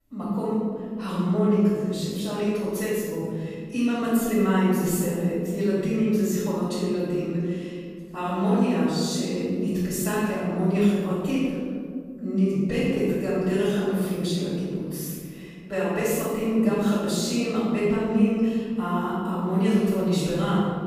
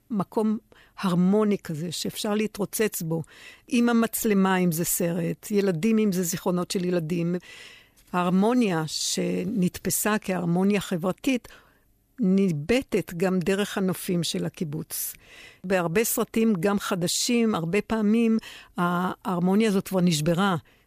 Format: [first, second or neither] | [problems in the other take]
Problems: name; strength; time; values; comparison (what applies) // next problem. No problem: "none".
second | room echo; strong; dies away in 2.4 s // off-mic speech; far